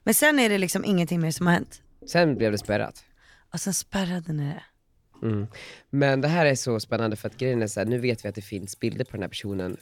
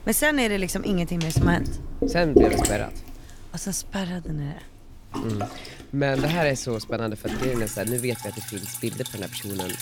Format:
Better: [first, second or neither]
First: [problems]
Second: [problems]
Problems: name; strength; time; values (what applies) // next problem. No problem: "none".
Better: first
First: rain or running water; faint; throughout; 25 dB below the speech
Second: rain or running water; loud; throughout; 1 dB below the speech